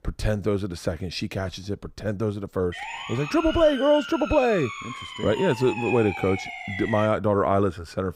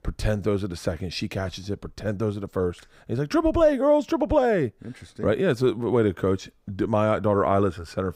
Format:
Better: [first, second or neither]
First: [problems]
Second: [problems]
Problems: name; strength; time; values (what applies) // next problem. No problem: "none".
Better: second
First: siren; noticeable; from 2.5 to 7 s; peak 6 dB below the speech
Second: none